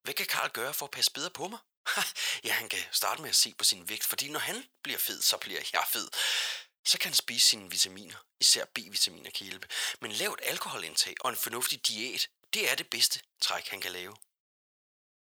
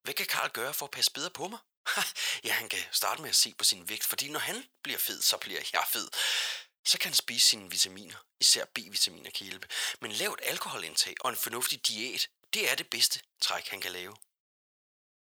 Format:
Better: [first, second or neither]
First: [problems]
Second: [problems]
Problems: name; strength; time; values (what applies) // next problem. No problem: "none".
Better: neither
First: thin; very; fading below 750 Hz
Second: thin; very; fading below 750 Hz